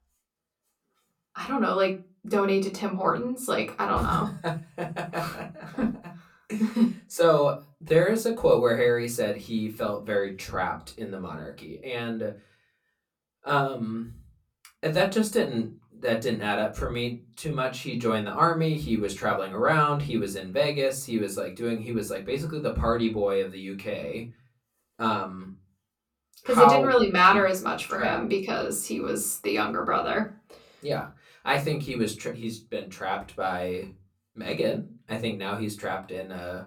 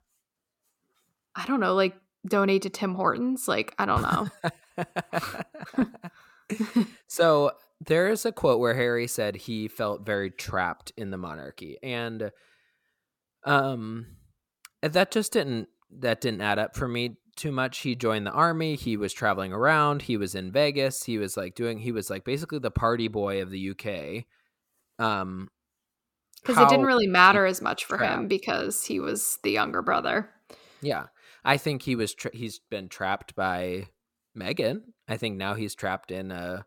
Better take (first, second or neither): second